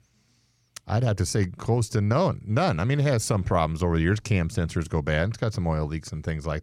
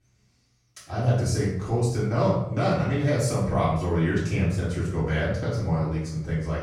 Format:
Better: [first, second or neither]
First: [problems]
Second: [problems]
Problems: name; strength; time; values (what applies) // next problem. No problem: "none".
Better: first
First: none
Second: off-mic speech; far // room echo; noticeable; dies away in 0.6 s